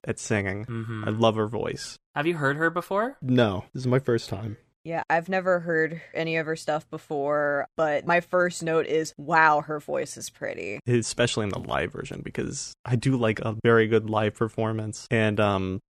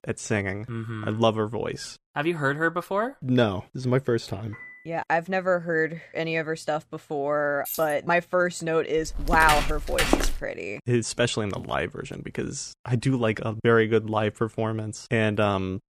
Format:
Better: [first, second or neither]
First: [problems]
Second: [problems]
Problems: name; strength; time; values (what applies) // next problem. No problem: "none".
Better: first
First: none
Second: clattering dishes; faint; at 4.5 s; peak 15 dB below the speech // jangling keys; noticeable; at 7.5 s; peak 8 dB below the speech // footsteps; loud; from 9 to 10 s; peak 2 dB above the speech